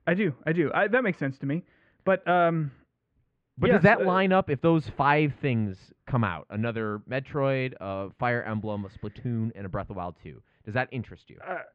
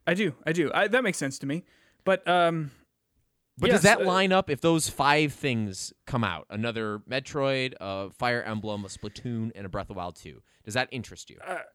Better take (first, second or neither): second